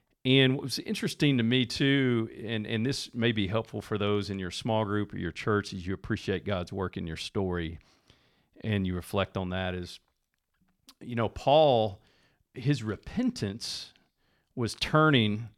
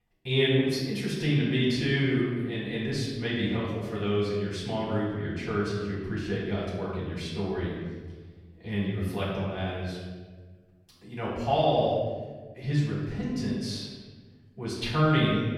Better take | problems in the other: first | off-mic speech; far // room echo; noticeable; dies away in 1.3 s

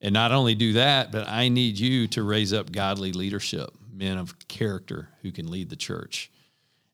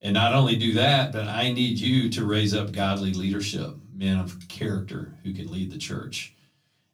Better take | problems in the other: first | off-mic speech; far // room echo; very slight; dies away in 0.2 s

